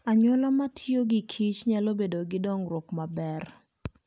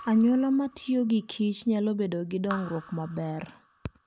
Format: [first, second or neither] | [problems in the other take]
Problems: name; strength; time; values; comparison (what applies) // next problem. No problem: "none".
first | background sound (Raindrop / Drip); 19 dB below the speech